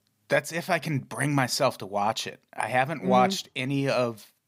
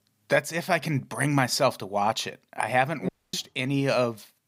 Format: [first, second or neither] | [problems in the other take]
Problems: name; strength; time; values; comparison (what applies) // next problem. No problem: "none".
first | audio cutting out; at 3 s